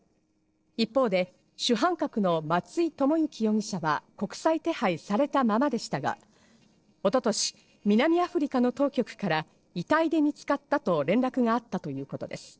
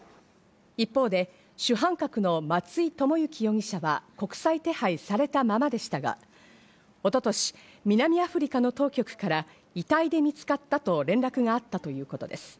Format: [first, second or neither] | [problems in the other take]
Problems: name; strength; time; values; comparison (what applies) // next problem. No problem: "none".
second | noise reduction (neural separator model SepFormer DNS4)